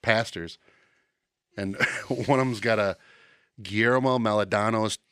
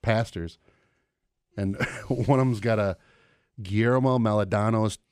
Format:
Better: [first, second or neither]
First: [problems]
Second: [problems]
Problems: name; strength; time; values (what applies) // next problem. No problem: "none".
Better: second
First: thin; very slightly; fading below 300 Hz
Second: none